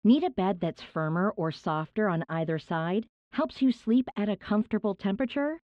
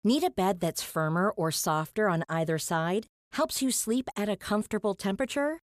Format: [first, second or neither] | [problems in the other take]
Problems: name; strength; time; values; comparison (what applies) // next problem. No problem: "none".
second | muffled; slightly; fading above 3 kHz